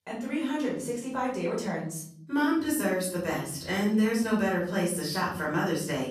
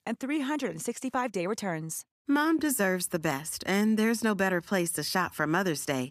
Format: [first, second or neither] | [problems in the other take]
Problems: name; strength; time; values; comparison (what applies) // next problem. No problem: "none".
second | off-mic speech; far // room echo; noticeable; dies away in 0.7 s